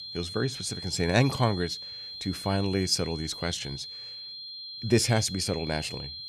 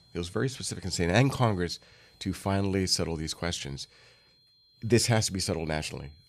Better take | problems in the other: second | high-pitched whine; loud; throughout; 4 kHz, 9 dB below the speech; faint in the second

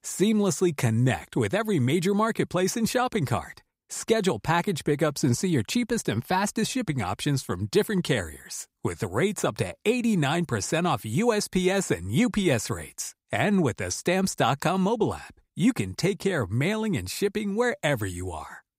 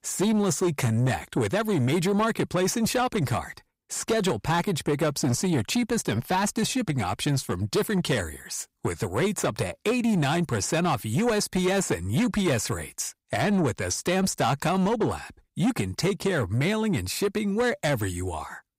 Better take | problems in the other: first | distortion; slight; 10 dB below the speech

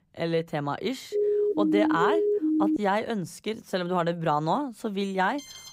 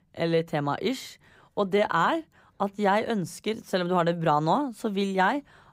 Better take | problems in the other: second | siren; loud; from 1 to 3 s; peak 4 dB above the speech // alarm; very faint; at 5.5 s; peak 15 dB below the speech

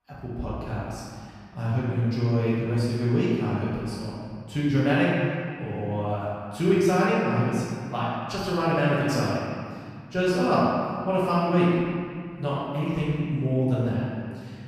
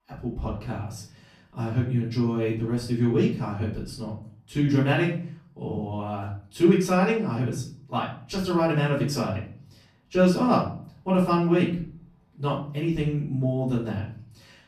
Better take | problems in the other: second | room echo; strong; dies away in 2.1 s; slight in the second // off-mic speech; far; far in the second

